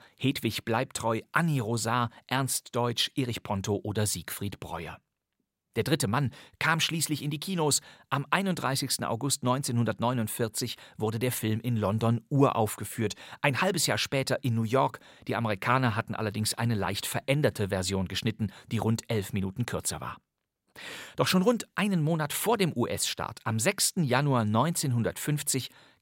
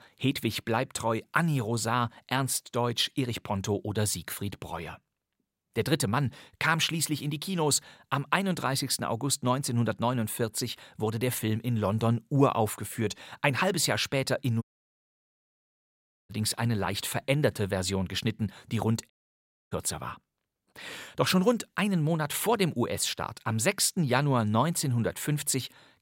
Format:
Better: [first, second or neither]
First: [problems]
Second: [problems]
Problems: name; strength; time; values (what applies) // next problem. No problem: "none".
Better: first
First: none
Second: audio cutting out; at 15 s for 1.5 s and at 19 s for 0.5 s